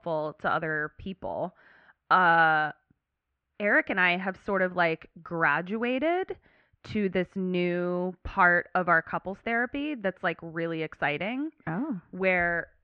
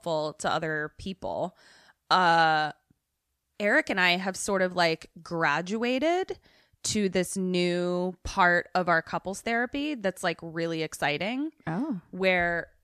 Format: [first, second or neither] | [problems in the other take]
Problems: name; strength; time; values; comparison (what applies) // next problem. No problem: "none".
second | muffled; very; fading above 2.5 kHz